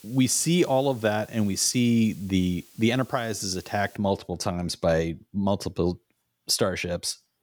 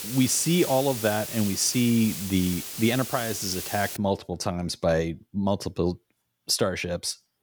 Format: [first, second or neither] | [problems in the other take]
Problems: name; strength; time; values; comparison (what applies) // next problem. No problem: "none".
first | hiss; loud; until 4 s; 7 dB below the speech; faint in the first